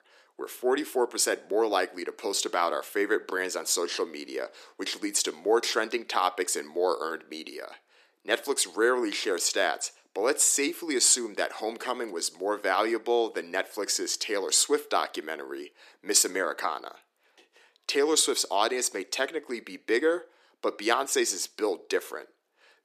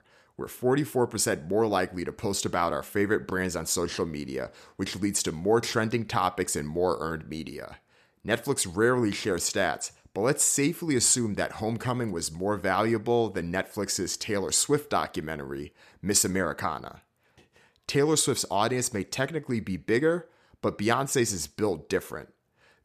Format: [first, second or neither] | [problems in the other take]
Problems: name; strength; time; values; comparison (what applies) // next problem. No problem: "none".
second | thin; somewhat; fading below 300 Hz